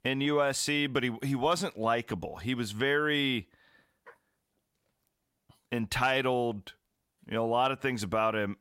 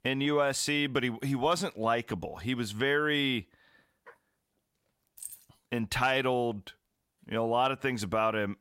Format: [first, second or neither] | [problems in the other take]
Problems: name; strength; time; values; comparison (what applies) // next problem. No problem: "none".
first | jangling keys; faint; at 5 s; peak 15 dB below the speech